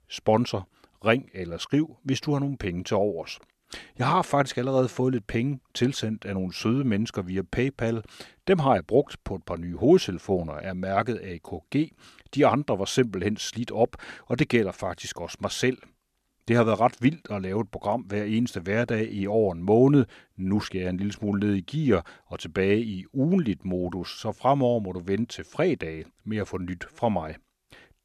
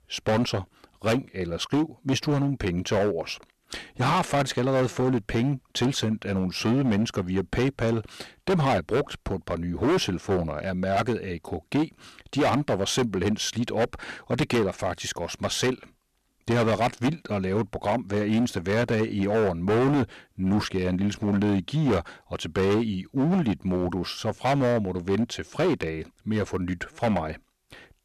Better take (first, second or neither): first